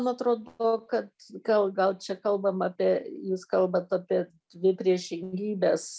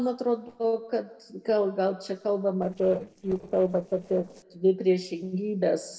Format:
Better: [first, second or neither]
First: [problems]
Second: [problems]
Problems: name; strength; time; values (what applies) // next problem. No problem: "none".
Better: first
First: none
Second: noise reduction (neural separator model SepFormer DNS4)